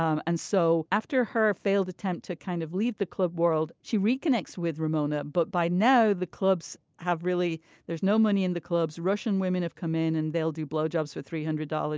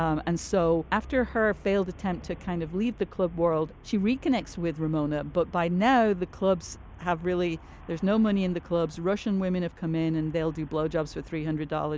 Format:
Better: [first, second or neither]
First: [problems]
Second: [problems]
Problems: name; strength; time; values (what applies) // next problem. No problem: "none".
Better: first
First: none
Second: background sound (Traffic noise, roadway noise); 18 dB below the speech